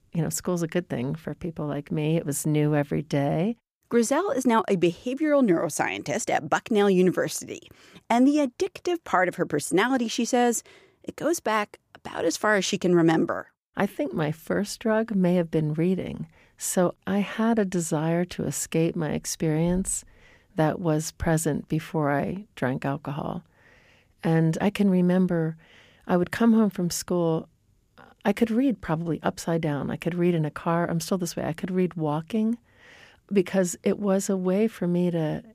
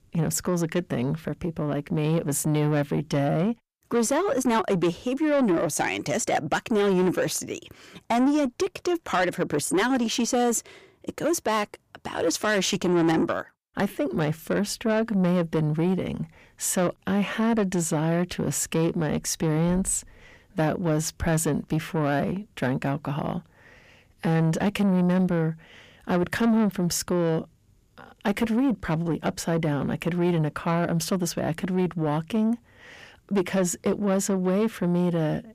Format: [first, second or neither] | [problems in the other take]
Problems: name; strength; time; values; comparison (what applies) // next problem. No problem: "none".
first | distortion; slight; 10 dB below the speech